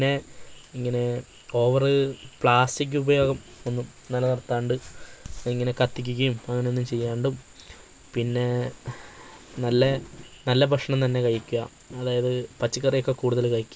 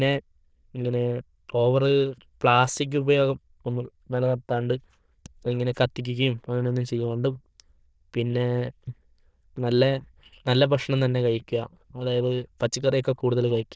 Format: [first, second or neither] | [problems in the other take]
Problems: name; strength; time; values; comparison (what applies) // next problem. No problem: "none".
first | noise reduction (neural diffusion model UNIVERSE++)